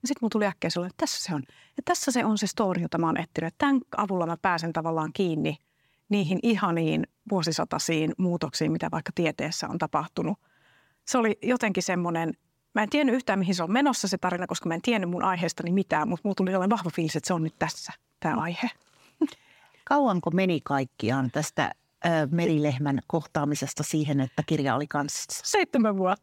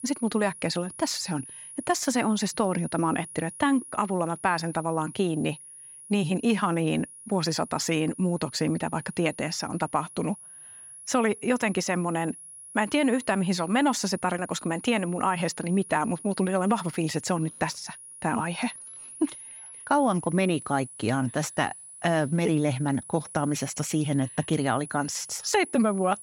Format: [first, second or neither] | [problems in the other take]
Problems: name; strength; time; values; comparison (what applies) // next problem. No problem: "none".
first | high-pitched whine; noticeable; throughout; 10.5 kHz, 15 dB below the speech